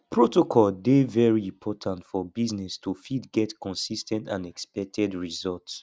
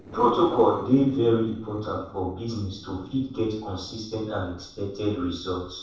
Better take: first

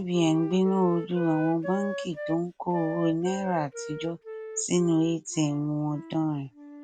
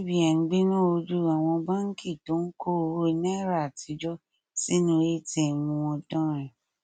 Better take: second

